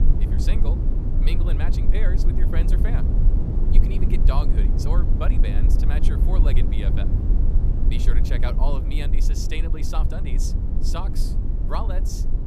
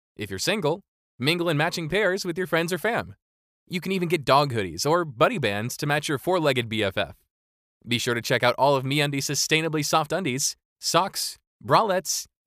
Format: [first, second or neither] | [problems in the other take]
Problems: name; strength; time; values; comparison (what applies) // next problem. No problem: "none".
second | low rumble; loud; throughout; 3 dB below the speech